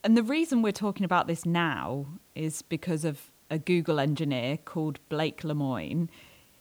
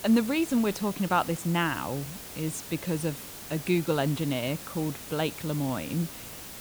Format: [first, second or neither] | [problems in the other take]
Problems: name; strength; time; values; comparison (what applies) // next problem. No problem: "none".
first | hiss; loud; throughout; 10 dB below the speech; faint in the first